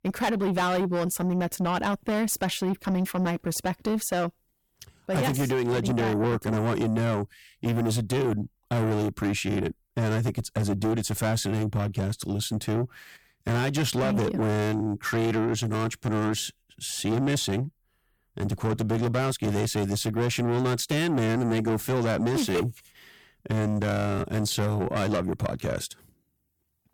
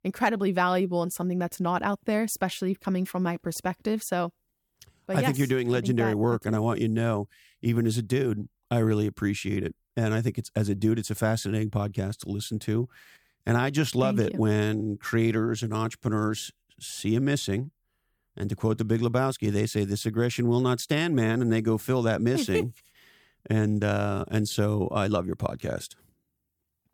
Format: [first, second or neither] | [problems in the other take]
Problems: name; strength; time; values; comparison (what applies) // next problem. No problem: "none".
second | distortion; heavy; 7 dB below the speech